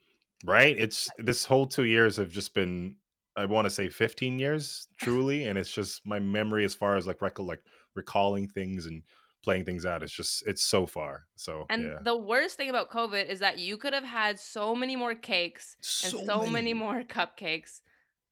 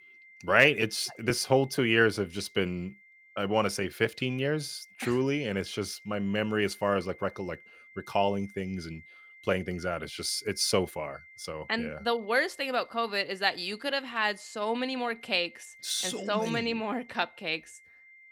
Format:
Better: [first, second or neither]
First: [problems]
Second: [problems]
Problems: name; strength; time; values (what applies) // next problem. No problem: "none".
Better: first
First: none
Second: high-pitched whine; faint; throughout; 2 kHz, 25 dB below the speech